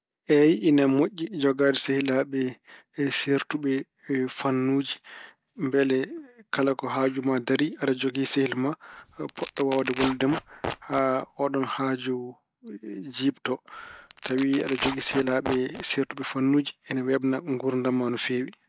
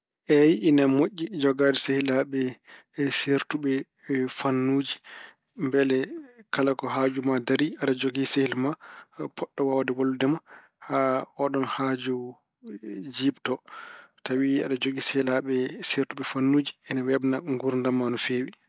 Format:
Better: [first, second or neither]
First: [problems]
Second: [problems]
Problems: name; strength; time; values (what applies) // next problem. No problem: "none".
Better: second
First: background sound (Tearing); 11 dB below the speech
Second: none